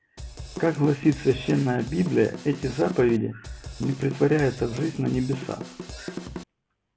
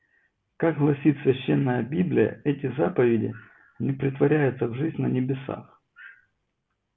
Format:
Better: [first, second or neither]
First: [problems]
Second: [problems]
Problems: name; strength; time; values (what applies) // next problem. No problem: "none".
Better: second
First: background sound (Drum / Drum kit); 12 dB below the speech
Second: none